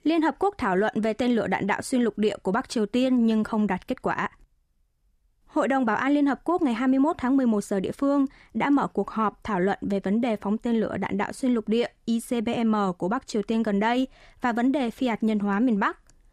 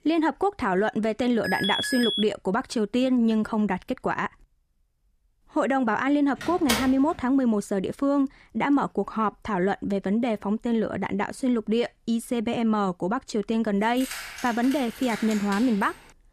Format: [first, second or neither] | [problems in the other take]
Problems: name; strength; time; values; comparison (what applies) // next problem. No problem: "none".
first | alarm; noticeable; at 1.5 s; peak 1 dB below the speech // door banging; noticeable; at 6.5 s; peak 2 dB below the speech // jangling keys; noticeable; from 14 s on; peak 9 dB below the speech